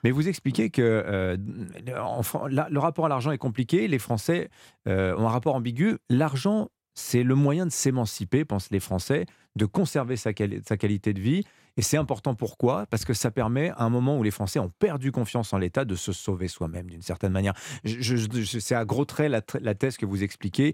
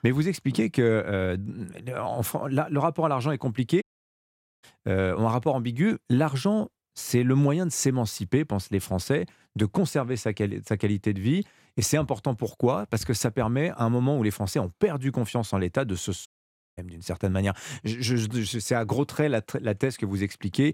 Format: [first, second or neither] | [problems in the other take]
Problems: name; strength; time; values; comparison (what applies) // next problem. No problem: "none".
first | audio cutting out; at 4 s for 1 s and at 16 s for 0.5 s